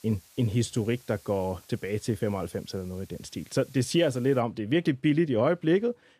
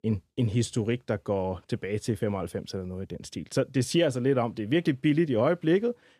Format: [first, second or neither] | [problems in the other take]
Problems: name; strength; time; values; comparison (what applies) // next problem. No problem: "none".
second | hiss; faint; until 4.5 s; 25 dB below the speech